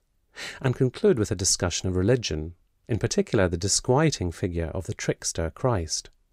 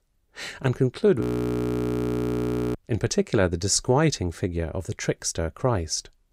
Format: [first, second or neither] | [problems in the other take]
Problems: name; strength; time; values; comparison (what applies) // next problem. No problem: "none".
first | audio freezing; at 1 s for 1.5 s